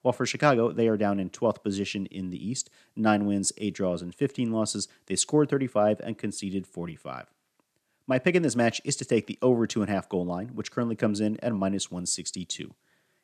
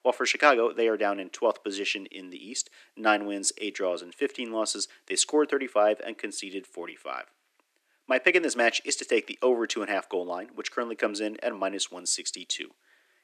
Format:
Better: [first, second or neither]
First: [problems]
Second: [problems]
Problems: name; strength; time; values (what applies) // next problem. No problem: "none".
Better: first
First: none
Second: thin; somewhat; fading below 300 Hz